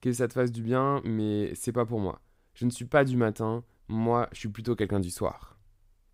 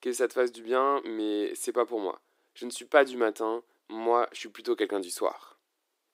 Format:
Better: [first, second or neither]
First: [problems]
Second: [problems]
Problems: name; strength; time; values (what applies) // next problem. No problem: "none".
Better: first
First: none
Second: thin; very; fading below 300 Hz